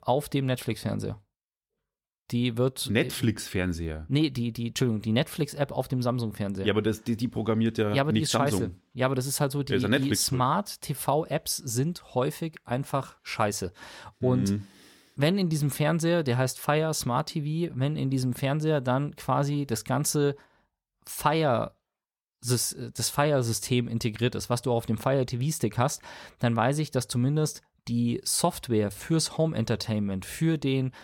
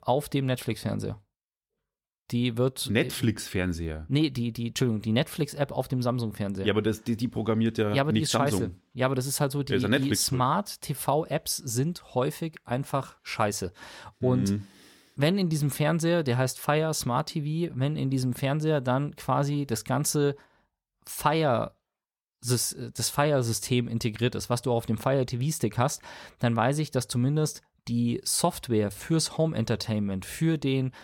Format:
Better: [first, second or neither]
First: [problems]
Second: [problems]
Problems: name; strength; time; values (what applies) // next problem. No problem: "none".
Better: neither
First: none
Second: none